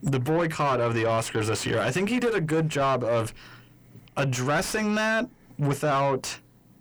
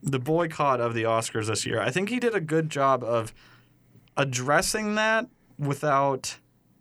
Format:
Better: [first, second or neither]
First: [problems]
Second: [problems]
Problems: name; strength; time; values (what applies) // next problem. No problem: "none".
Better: second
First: distortion; heavy; 7 dB below the speech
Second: none